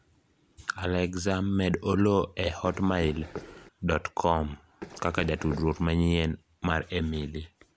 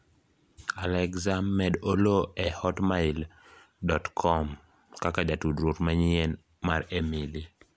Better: second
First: background sound (Run); 14 dB below the speech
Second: none

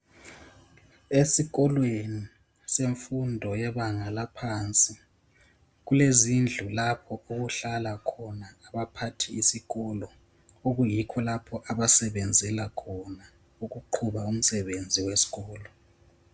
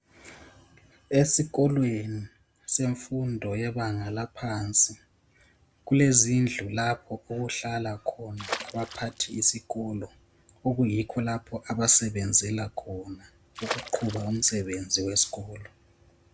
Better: first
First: none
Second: background sound (Water / Splash, splatter); 11 dB below the speech

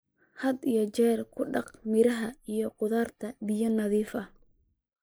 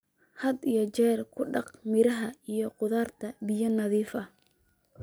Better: second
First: noise reduction (neural mask model Resemble Enhance denoiser)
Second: none

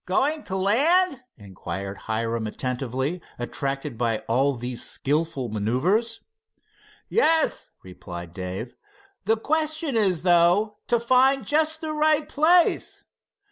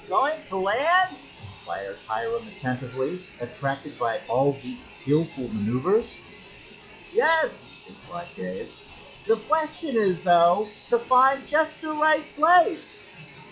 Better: first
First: none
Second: noise reduction (classical method log-MMSE)

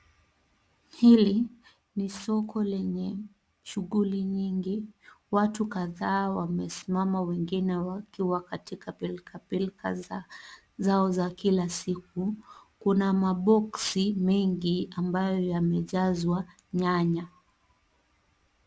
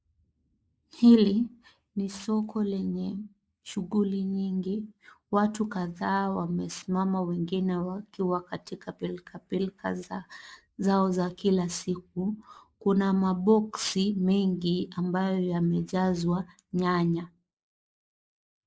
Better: first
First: none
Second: noise reduction (neural mask model Resemble Enhance denoiser)

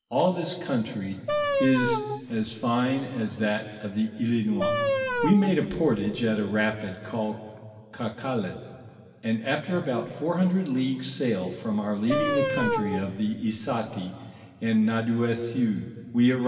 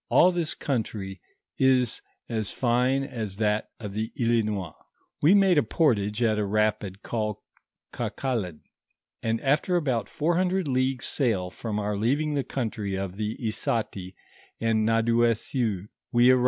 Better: second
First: background sound (Wind instrument, woodwind instrument); 2 dB below the speech // room echo; dies away in 2.3 s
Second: none

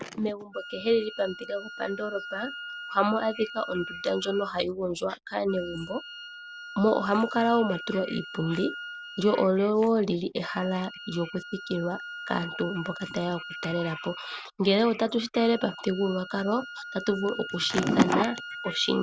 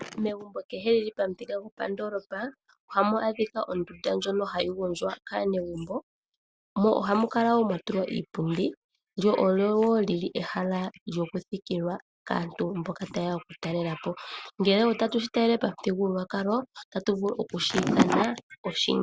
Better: second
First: background sound (Wind instrument, woodwind instrument); 13 dB below the speech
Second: none

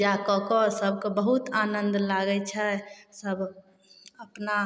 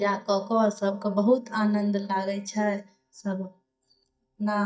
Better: first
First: none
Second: noise reduction (neural mask model DeepFilterNet 3)

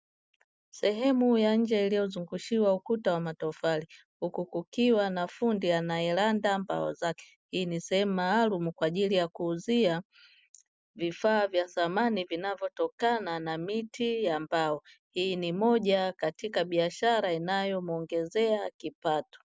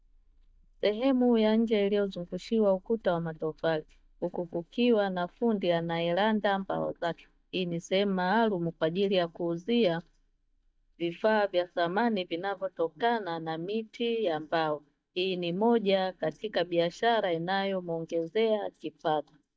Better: first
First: none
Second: noise reduction (neural mask model DeepFilterNet 3)

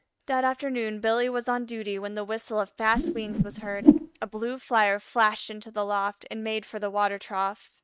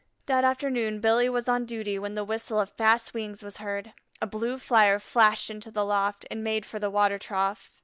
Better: second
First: noise reduction (neural mask model RNNoise)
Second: none

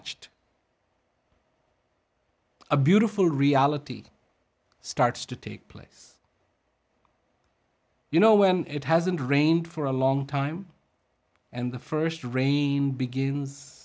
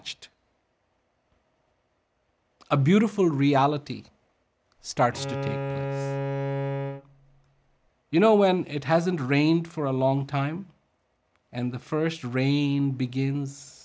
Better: first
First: none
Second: background sound (Bowed string instrument); 5 dB below the speech

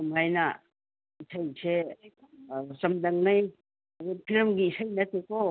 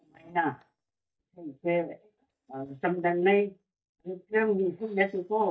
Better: first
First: none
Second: noise reduction (neural mask model DeepFilterNet 3)

